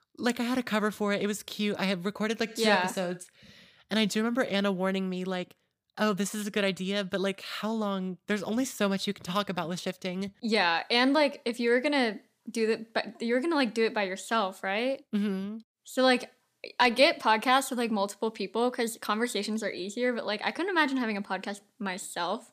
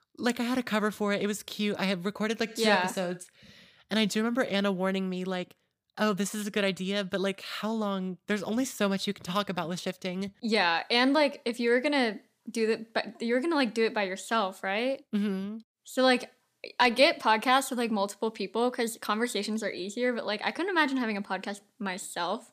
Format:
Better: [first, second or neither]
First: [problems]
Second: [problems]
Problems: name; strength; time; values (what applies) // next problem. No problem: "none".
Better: neither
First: none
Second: none